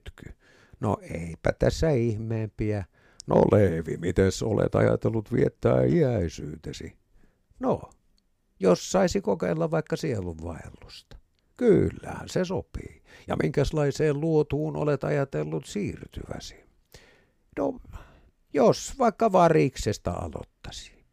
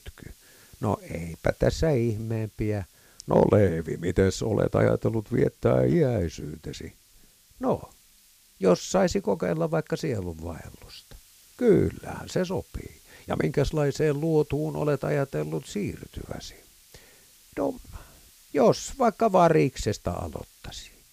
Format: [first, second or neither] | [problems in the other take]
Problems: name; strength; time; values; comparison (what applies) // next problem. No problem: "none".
first | hiss; faint; throughout; 30 dB below the speech